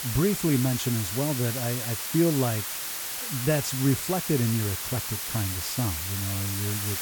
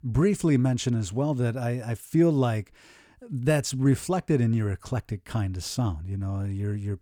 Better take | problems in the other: second | hiss; loud; throughout; 2 dB below the speech

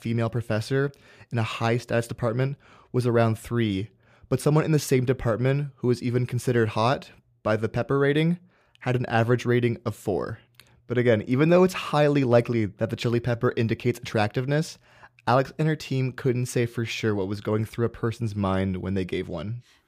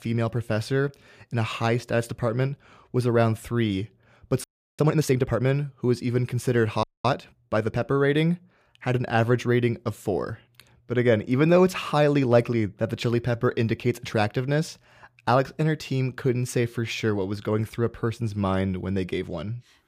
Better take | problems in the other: first | audio freezing; at 4.5 s and at 7 s

